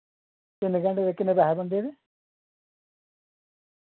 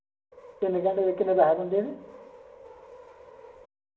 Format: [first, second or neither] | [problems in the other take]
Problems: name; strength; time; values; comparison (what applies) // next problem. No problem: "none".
first | background sound (Subway, metro, underground); 20 dB below the speech // room echo; dies away in 0.6 s